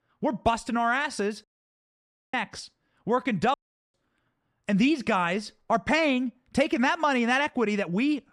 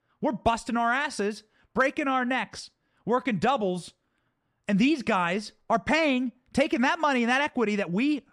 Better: second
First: audio cutting out; at 1.5 s for 1 s and at 3.5 s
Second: none

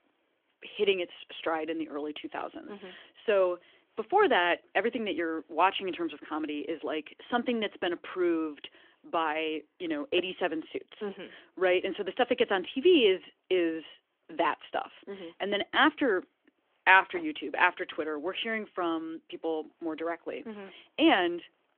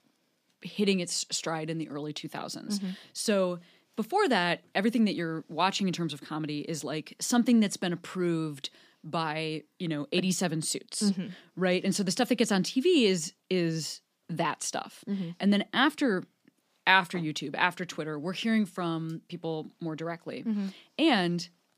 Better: second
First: phone-call audio; nothing above 3.5 kHz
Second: none

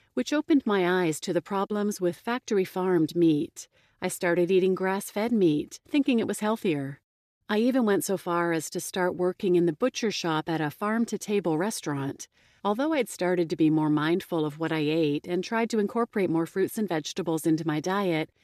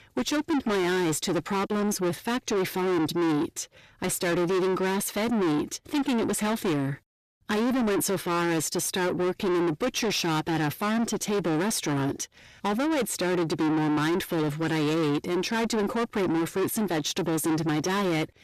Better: first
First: none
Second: distortion; heavy; 7 dB below the speech

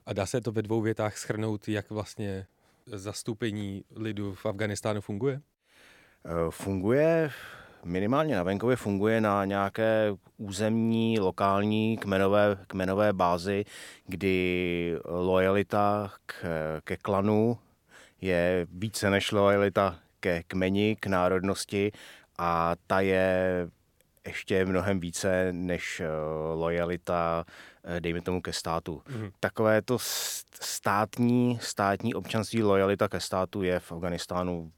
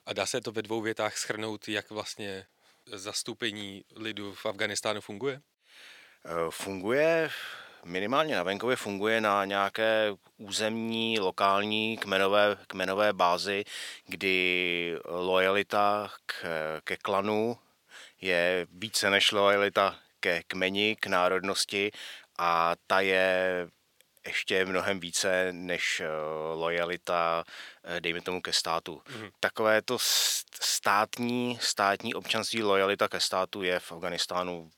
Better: first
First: none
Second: thin; somewhat; fading below 1 kHz

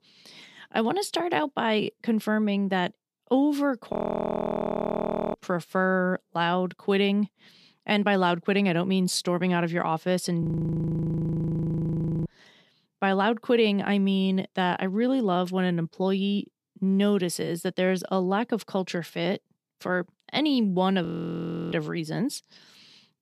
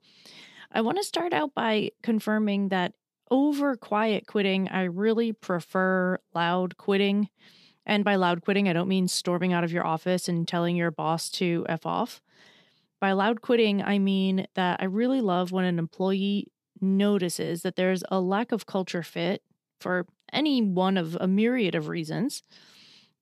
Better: second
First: audio freezing; at 4 s for 1.5 s, at 10 s for 2 s and at 21 s for 0.5 s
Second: none

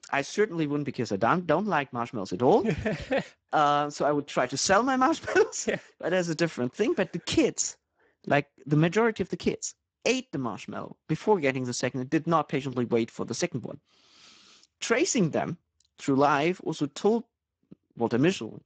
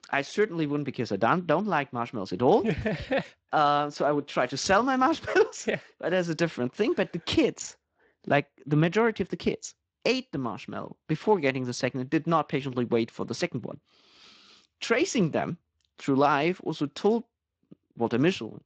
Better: second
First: garbled, watery; badly; nothing above 7.5 kHz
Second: garbled, watery; slightly; nothing above 7.5 kHz

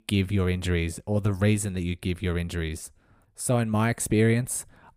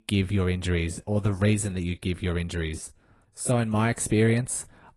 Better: first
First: none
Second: garbled, watery; slightly

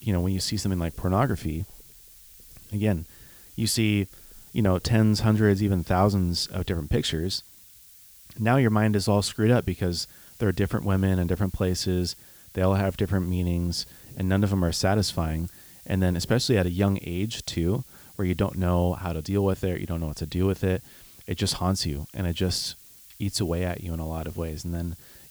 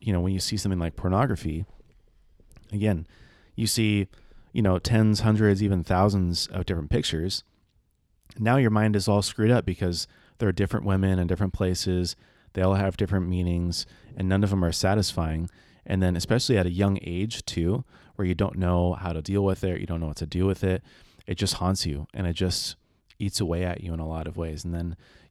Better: second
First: hiss; faint; throughout; 20 dB below the speech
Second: none

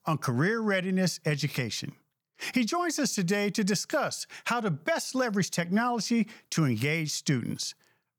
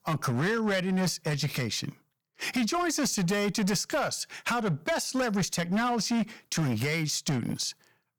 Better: first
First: none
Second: distortion; slight; 15% of the sound clipped

